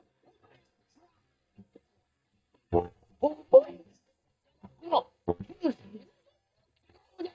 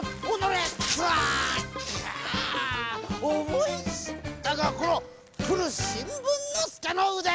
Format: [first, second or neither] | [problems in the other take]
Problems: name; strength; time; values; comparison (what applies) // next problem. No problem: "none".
second | noise reduction (neural mask model DeepFilterNet 3)